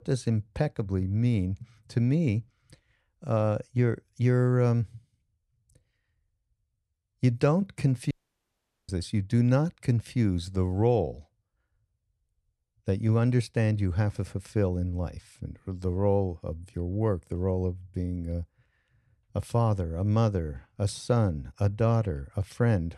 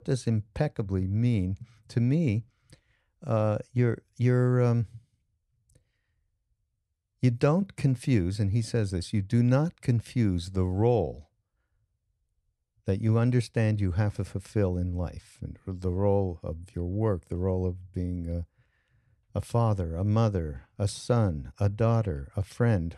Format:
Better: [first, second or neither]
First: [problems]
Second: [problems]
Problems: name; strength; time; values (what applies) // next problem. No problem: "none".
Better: second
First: audio cutting out; at 8 s for 1 s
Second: none